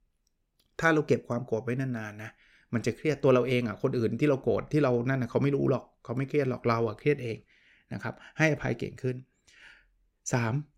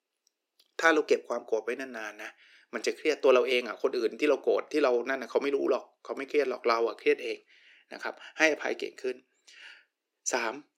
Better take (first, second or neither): first